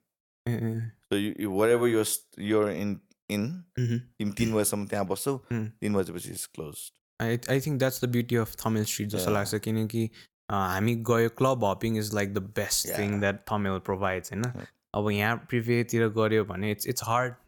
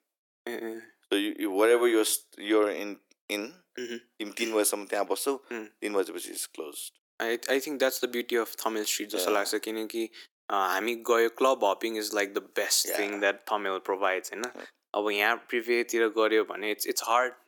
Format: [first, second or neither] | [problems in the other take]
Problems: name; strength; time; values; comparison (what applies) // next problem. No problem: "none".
first | thin; somewhat; fading below 300 Hz